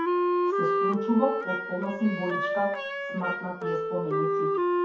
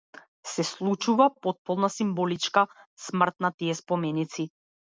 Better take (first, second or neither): second